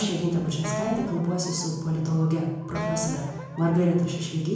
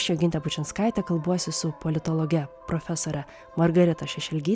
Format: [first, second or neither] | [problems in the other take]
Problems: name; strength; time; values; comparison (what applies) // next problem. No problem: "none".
second | background sound (Wind instrument, woodwind instrument); 10 dB below the speech // room echo; dies away in 0.9 s